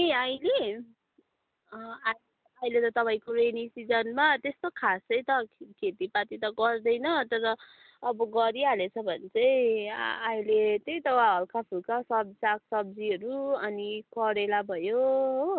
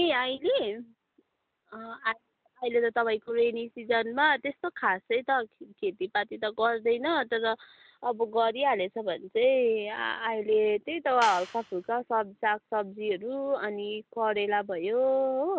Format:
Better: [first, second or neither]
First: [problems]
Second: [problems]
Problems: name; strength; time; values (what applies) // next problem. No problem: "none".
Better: first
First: none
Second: background sound (Clapping); 12 dB below the speech